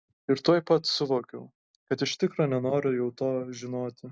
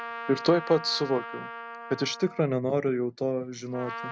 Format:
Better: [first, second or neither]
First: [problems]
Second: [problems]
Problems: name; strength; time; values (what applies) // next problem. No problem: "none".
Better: first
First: none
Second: background sound (Trumpet); 12 dB below the speech